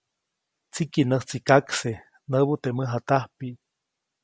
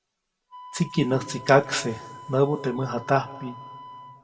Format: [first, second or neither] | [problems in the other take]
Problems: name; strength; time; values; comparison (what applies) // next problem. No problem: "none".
first | background sound (Wind instrument, woodwind instrument); 17 dB below the speech // room echo; dies away in 1.5 s